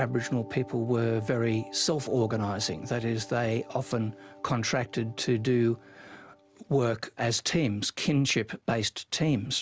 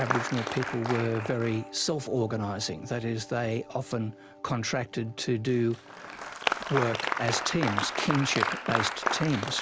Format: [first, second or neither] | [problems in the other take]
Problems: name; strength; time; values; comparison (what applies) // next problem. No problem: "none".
first | background sound (Applause); 4 dB below the speech